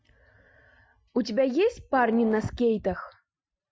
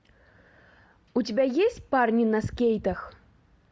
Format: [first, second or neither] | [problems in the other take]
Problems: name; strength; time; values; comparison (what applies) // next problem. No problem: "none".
second | noise reduction (classical method Wiener filter)